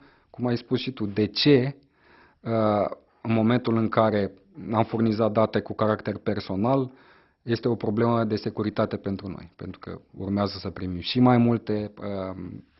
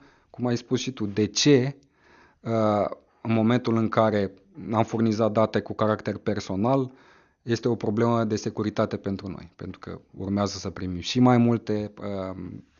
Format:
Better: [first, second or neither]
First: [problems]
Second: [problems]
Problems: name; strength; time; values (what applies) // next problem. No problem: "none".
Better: second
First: garbled, watery; badly; nothing above 5.5 kHz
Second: garbled, watery; slightly; nothing above 6.5 kHz